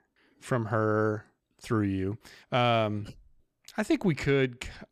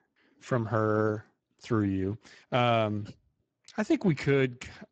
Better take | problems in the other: first | garbled, watery; badly; nothing above 7.5 kHz

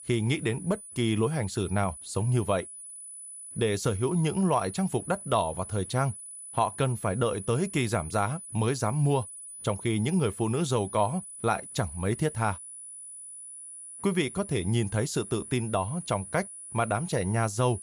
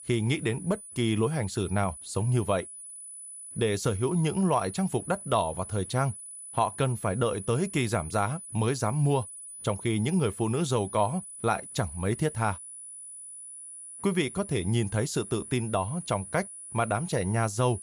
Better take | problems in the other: neither | high-pitched whine; noticeable; throughout; 10 kHz, 10 dB below the speech; the same in both

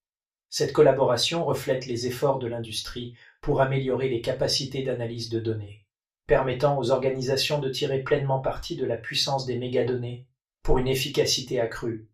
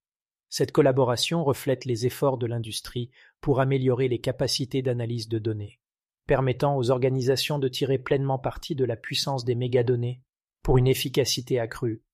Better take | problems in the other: second | room echo; very slight; dies away in 0.3 s // off-mic speech; far

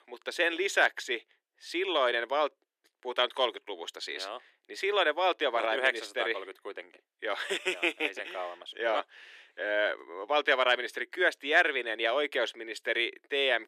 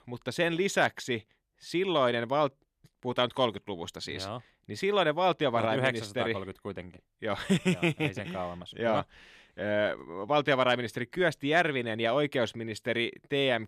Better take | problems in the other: second | thin; very; fading below 350 Hz

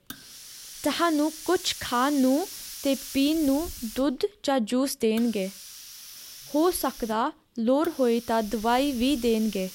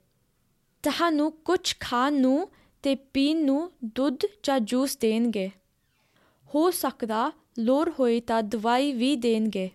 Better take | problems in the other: second | hiss; noticeable; throughout; 15 dB below the speech

